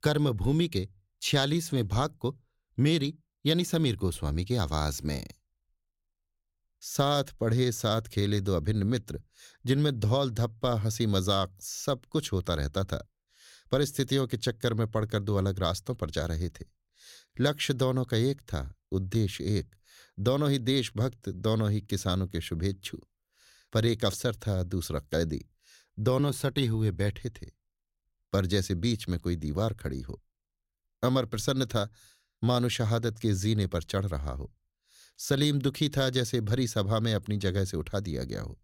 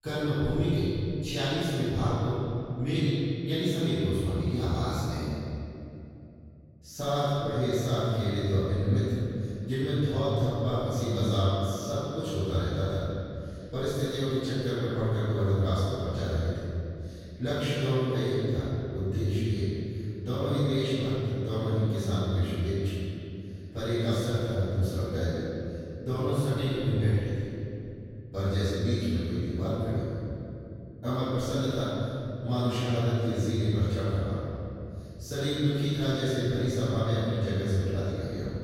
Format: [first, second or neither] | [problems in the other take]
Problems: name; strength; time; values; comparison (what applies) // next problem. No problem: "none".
first | off-mic speech; far // room echo; strong; dies away in 2.9 s